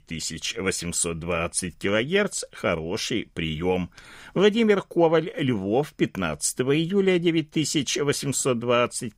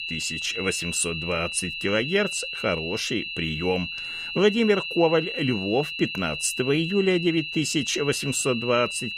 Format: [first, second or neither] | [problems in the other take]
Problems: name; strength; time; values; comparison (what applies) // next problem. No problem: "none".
first | high-pitched whine; loud; throughout; 2.5 kHz, 5 dB below the speech